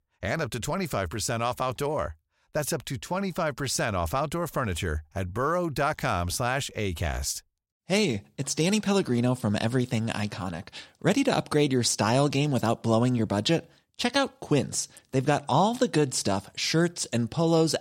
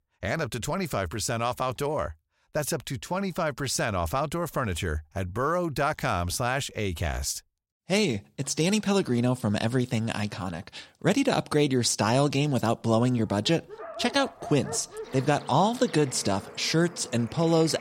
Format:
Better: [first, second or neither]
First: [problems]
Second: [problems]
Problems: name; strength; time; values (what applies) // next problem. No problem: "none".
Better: first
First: none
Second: animal sounds; noticeable; from 13 s on; 15 dB below the speech